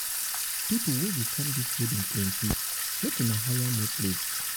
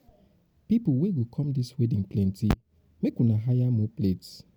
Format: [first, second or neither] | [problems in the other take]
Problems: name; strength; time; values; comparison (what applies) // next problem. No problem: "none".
second | background sound (Sink (filling or washing) / Water tap, faucet); 1 dB above the speech